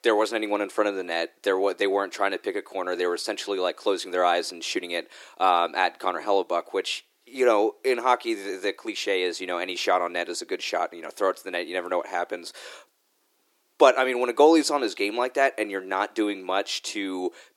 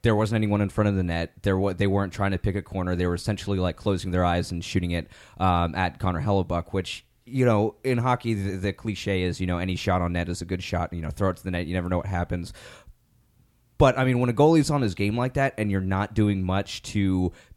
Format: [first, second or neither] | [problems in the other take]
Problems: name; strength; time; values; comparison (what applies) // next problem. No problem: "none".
second | thin; very; fading below 350 Hz